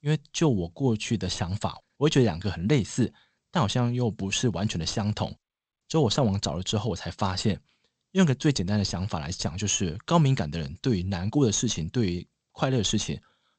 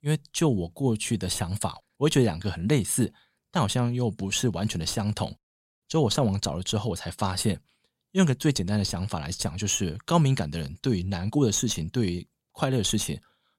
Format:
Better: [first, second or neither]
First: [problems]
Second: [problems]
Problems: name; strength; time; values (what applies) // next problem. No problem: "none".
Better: second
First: garbled, watery; slightly; nothing above 16.5 kHz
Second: none